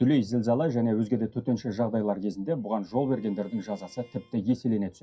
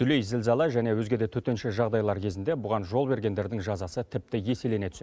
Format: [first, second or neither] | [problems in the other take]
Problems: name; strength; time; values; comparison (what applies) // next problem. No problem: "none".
second | noise reduction (classical method WPE with log-MMSE)